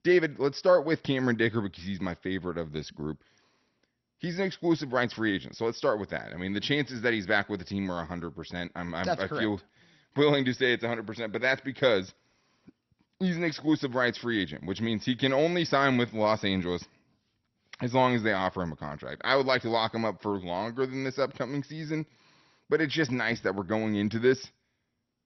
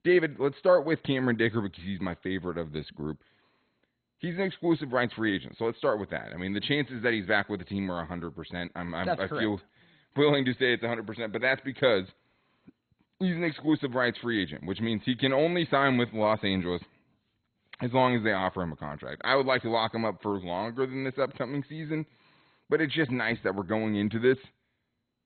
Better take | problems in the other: first | garbled, watery; badly; nothing above 4 kHz; slightly in the first

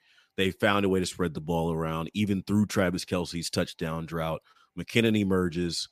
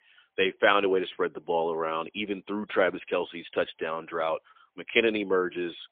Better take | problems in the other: first | phone-call audio; poor line; nothing above 3.5 kHz

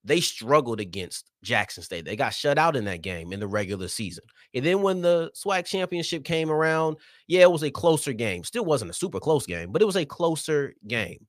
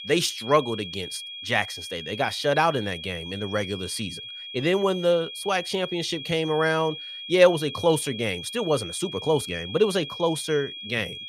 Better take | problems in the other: first | high-pitched whine; loud; throughout; 3.5 kHz, 10 dB below the speech

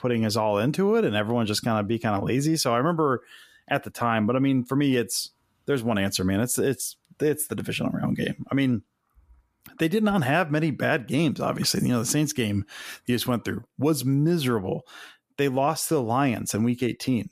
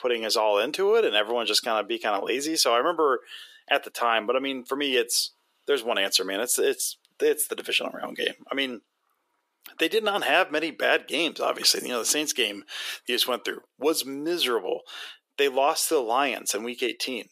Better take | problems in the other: first | thin; very; fading below 400 Hz

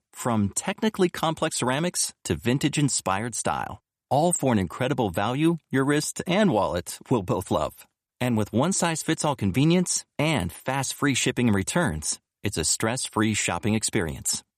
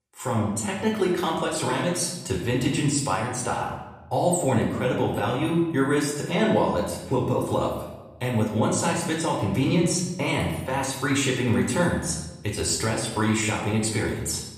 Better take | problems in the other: first | off-mic speech; far // room echo; noticeable; dies away in 0.9 s

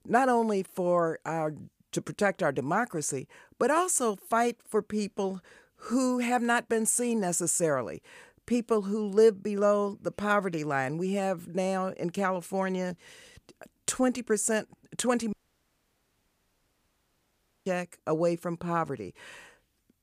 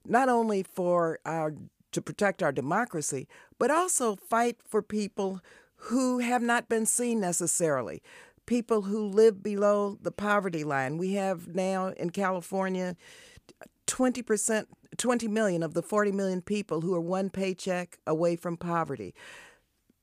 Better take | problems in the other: second | audio cutting out; at 15 s for 2.5 s

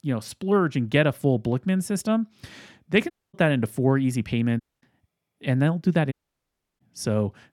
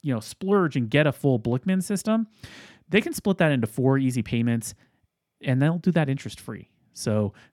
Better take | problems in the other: second | audio cutting out; at 3 s, at 4.5 s and at 6 s for 0.5 s

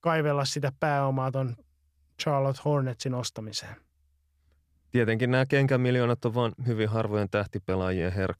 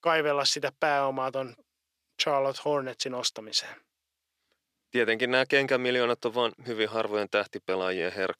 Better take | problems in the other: first | thin; somewhat; fading below 400 Hz

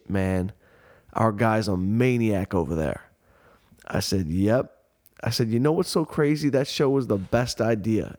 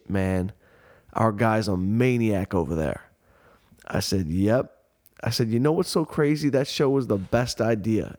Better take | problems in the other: neither | none

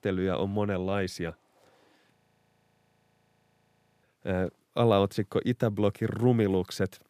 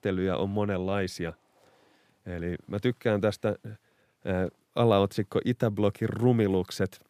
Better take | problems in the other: second | audio freezing; at 2 s for 2 s

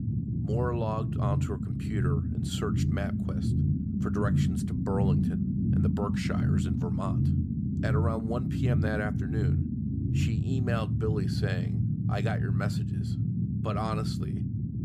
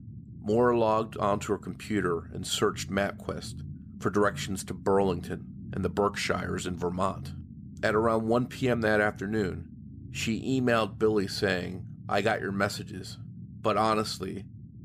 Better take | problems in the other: second | low rumble; loud; throughout; 2 dB below the speech; faint in the second

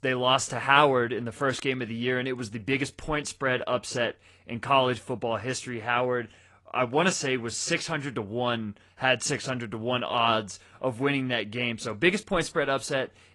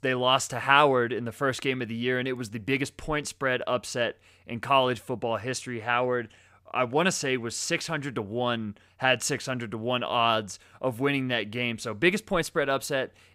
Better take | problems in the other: second | garbled, watery; slightly

